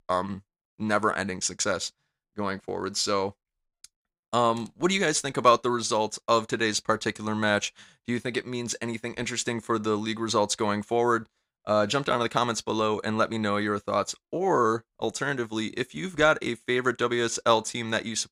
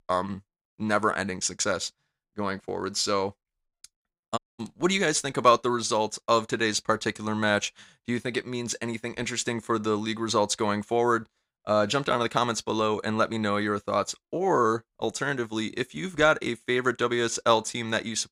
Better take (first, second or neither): first